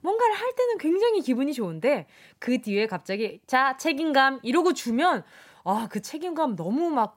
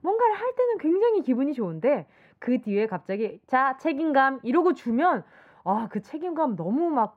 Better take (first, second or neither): first